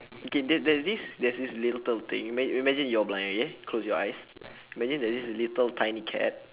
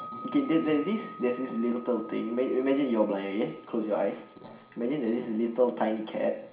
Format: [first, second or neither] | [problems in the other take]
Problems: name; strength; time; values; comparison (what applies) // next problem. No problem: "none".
first | background sound (Wind chime); 18 dB below the speech // room echo; dies away in 0.5 s